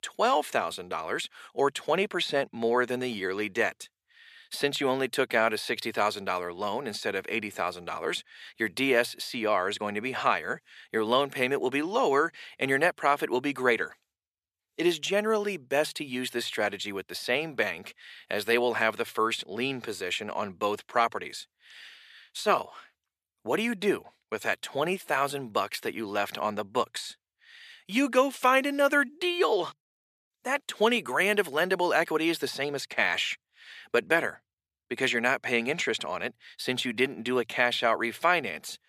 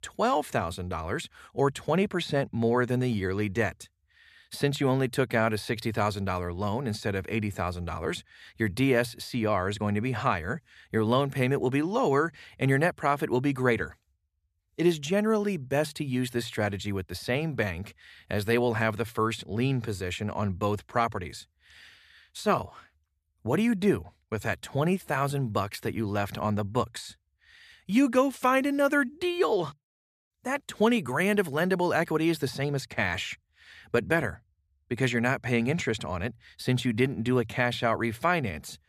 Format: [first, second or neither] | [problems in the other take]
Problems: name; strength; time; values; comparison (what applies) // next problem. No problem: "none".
second | thin; somewhat; fading below 350 Hz